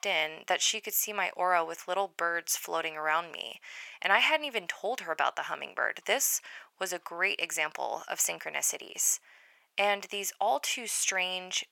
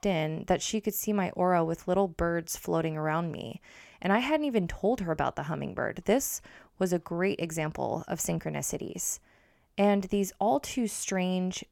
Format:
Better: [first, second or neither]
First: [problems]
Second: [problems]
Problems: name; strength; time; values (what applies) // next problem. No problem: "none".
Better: second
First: thin; very; fading below 950 Hz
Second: none